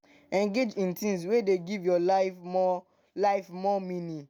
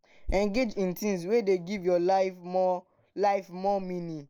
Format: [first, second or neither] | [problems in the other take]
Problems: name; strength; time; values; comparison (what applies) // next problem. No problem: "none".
first | noise reduction (neural mask model Resemble Enhance denoiser)